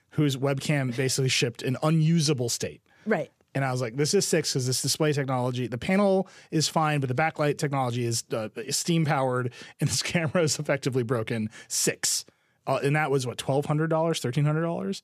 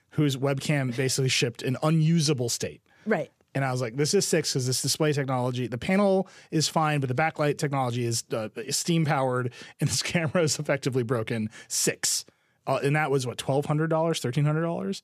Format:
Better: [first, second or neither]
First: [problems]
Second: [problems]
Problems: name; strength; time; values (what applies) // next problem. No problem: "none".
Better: neither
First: none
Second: none